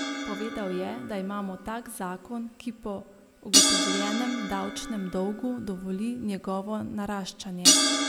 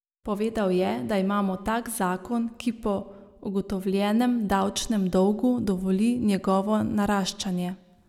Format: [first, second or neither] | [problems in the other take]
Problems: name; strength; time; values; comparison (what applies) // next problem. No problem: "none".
second | background sound (Crash cymbal); 4 dB above the speech